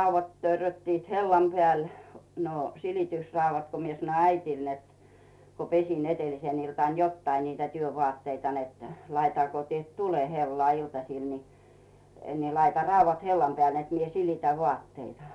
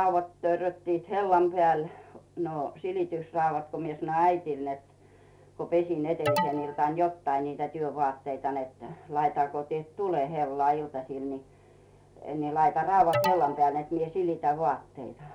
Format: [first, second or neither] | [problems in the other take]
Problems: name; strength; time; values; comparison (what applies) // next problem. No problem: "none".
first | background sound (Alarm); 3 dB below the speech